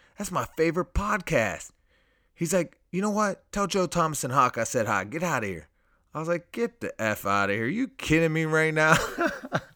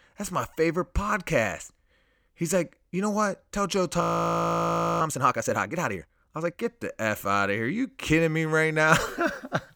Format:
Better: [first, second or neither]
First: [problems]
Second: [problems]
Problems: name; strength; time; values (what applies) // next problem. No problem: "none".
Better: first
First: none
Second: audio freezing; at 4 s for 1 s